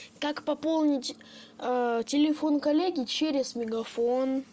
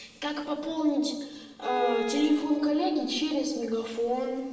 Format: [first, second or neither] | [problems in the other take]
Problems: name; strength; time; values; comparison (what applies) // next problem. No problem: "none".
first | background sound (Bowed string instrument); 10 dB below the speech // room echo; dies away in 1 s